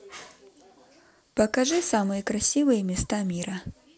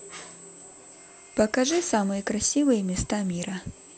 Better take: first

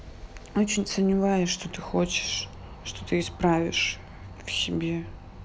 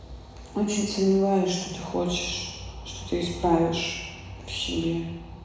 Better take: first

